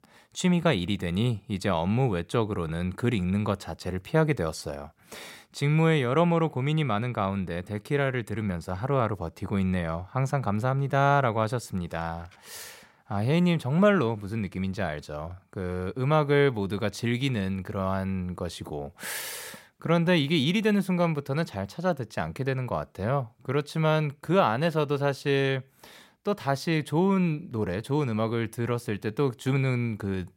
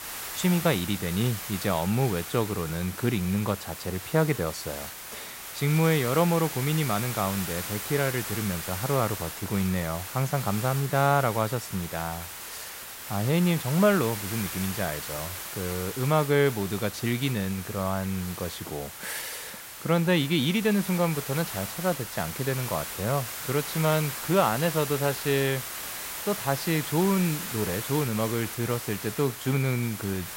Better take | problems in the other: first | hiss; loud; throughout; 7 dB below the speech

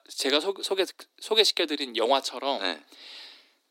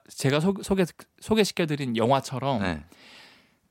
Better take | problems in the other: second | thin; somewhat; fading below 300 Hz

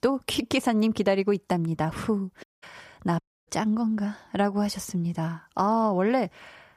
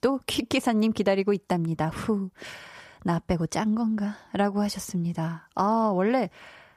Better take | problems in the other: second | audio cutting out; at 2.5 s and at 3 s

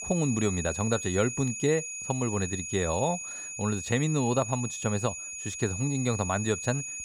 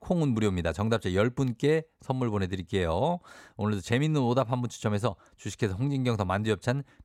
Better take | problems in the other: second | high-pitched whine; loud; throughout; 6.5 kHz, 5 dB below the speech

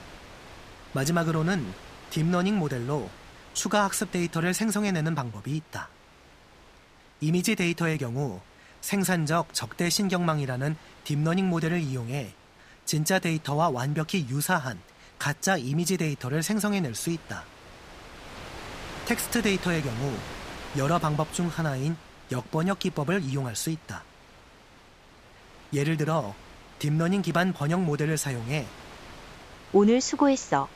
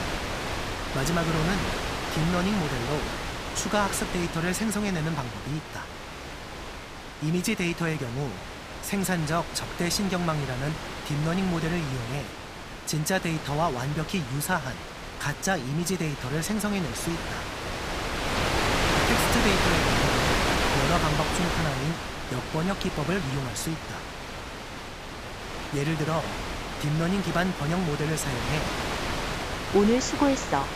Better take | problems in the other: first | wind noise on the microphone; heavy; as loud as the speech; occasional gusts in the first

